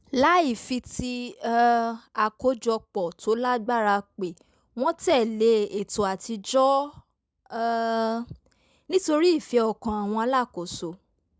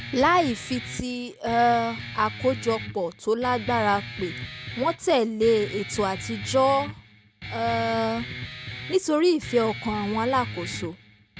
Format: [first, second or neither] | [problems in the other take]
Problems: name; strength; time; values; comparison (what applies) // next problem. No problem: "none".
first | background sound (Guitar); 11 dB below the speech